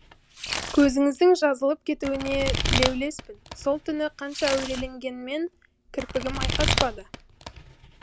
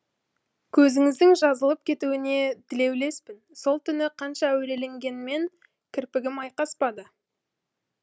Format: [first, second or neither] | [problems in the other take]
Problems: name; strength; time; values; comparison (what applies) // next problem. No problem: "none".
second | background sound (Domestic sounds, home sounds); 5 dB below the speech